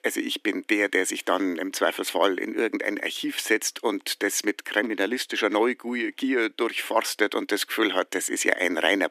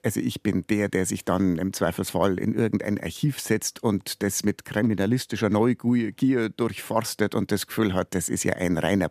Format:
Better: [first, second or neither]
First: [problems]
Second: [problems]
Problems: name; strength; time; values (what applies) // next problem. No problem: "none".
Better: second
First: thin; somewhat; fading below 300 Hz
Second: none